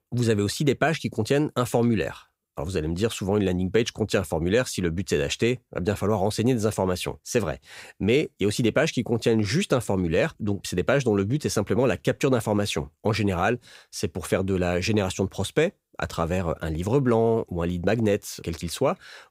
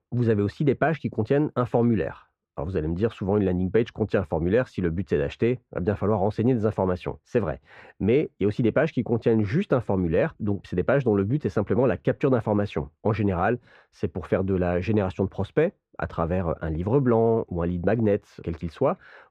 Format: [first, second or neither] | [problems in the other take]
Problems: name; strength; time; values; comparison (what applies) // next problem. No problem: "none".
first | muffled; very; fading above 4 kHz